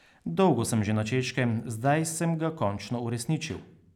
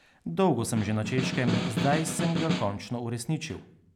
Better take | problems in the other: first | background sound (Snare drum); 1 dB below the speech

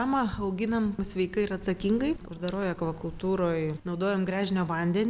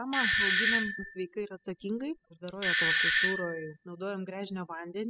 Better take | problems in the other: first | noise reduction (classical method spectral subtraction)

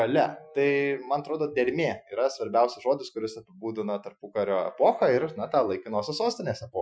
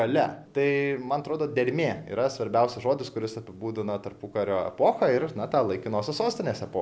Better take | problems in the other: second | noise reduction (classical method Wiener filter)

